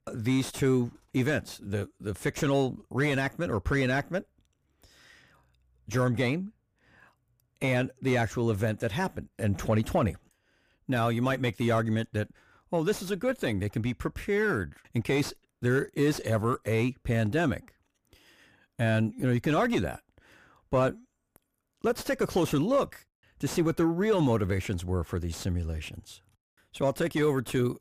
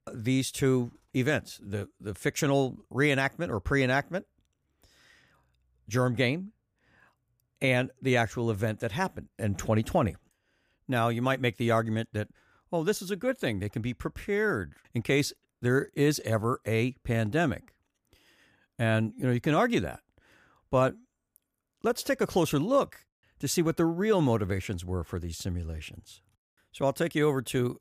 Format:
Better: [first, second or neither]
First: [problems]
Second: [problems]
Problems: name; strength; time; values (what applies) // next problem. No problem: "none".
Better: second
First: distortion; slight; 10 dB below the speech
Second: none